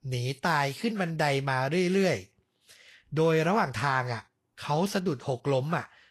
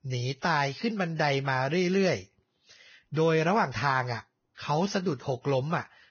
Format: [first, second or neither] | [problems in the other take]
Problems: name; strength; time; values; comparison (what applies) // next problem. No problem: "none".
first | garbled, watery; badly; nothing above 6.5 kHz; slightly in the first